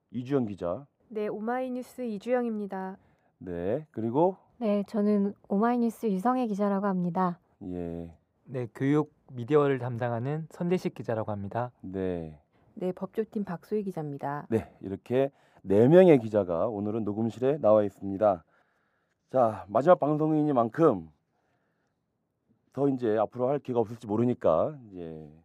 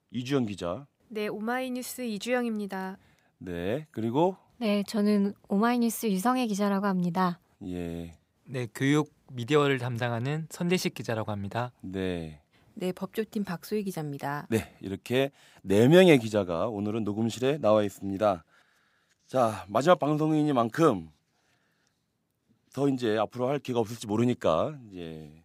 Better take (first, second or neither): second